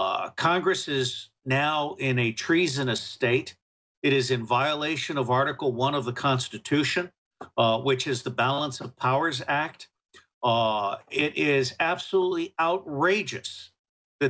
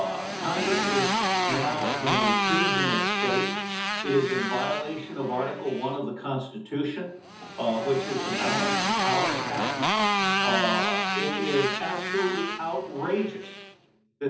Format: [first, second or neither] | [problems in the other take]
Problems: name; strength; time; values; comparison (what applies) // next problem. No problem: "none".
first | background sound (Motorcycle); 2 dB above the speech // room echo; dies away in 0.6 s